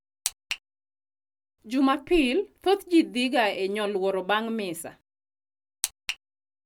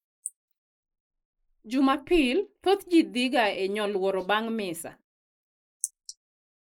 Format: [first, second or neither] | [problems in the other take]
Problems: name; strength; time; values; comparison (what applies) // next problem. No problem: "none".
first | noise reduction (neural mask model Resemble Enhance denoiser)